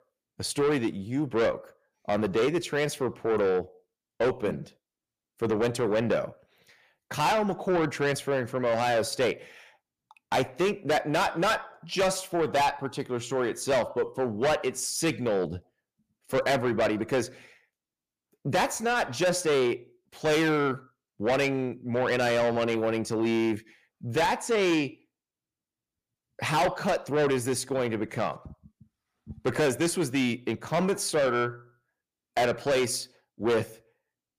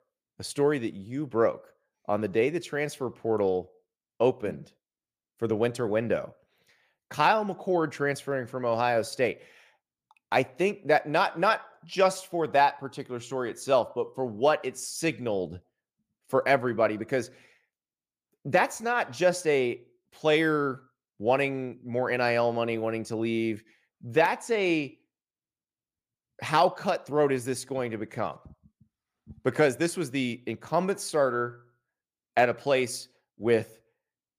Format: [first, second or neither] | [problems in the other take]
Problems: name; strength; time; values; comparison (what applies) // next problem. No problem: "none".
second | distortion; heavy; 6 dB below the speech